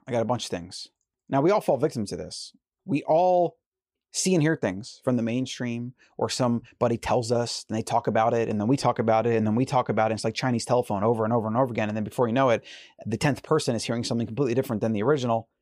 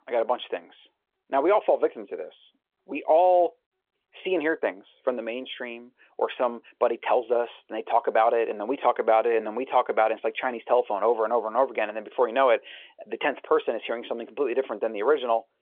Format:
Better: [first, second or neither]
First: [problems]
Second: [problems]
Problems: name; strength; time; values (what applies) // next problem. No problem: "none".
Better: first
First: none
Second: phone-call audio; nothing above 3.5 kHz